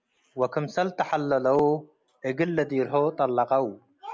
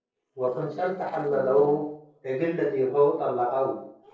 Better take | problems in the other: first | noise reduction (neural separator model SepFormer DNS4)

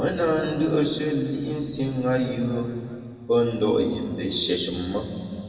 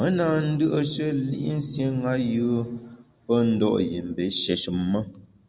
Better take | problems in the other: second | room echo; dies away in 2.4 s

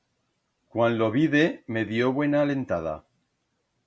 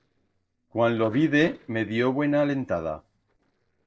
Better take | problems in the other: first | noise reduction (neural separator model SepFormer DNS4)

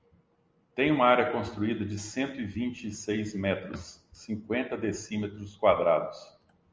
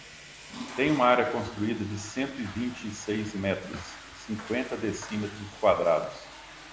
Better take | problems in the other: first | background sound (Toilet flush / Water); 15 dB below the speech

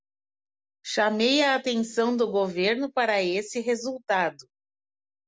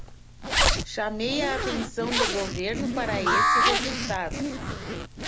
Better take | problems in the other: first | background sound (Alarm + Zipper (clothing)); 5 dB above the speech

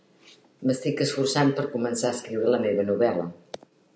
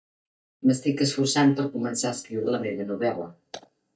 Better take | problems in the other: first | noise reduction (neural mask model DeepFilterNet 3)

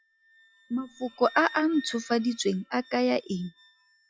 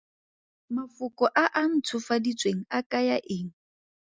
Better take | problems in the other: second | noise reduction (classical method log-MMSE)

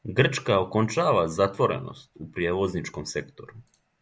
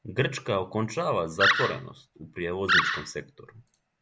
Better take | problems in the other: first | background sound (Animal); 4 dB above the speech

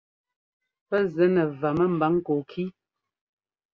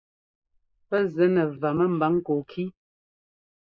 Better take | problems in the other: first | noise reduction (neural mask model Resemble Enhance denoiser)

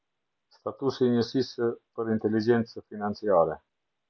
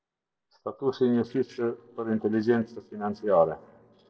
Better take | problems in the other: first | noise reduction (neural separator model SepFormer DNS4)

